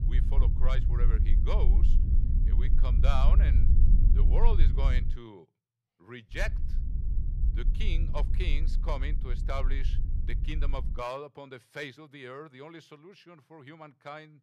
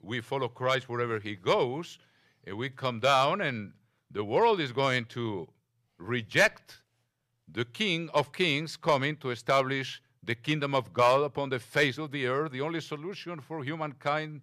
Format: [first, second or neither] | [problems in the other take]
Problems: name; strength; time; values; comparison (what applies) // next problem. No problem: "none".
second | low rumble; loud; until 5 s and from 6.5 to 11 s; 8 dB below the speech